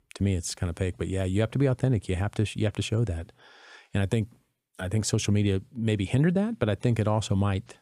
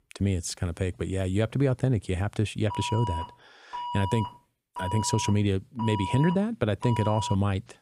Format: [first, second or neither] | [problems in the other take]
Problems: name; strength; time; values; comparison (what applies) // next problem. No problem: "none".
first | alarm; noticeable; from 2.5 s on; peak 5 dB below the speech